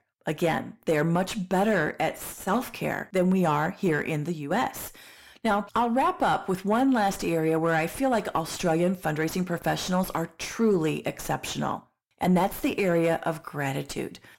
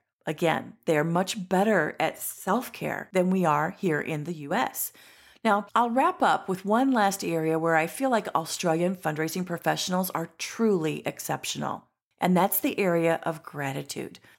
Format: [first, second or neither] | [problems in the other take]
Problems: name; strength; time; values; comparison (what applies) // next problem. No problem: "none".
second | distortion; slight; 9 dB below the speech